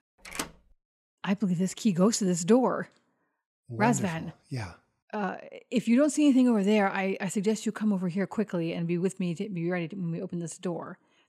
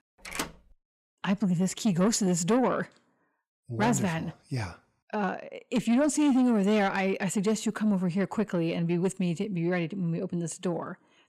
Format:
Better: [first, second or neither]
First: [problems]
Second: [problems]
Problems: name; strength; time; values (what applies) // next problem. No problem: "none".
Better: first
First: none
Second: distortion; slight; 10 dB below the speech